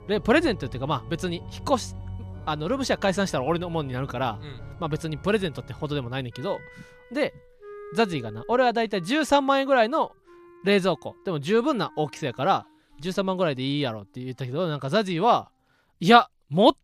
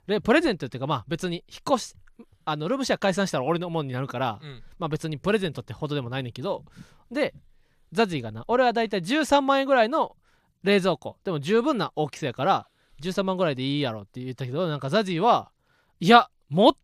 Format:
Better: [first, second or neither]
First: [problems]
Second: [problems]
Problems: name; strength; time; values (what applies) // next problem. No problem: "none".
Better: second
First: background music; noticeable; throughout; 20 dB below the speech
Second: none